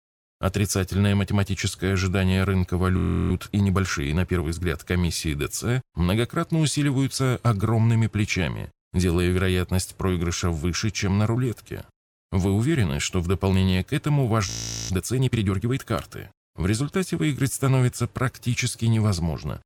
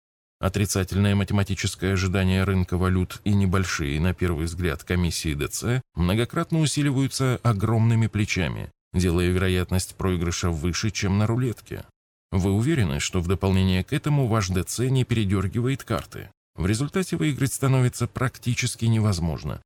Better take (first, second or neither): second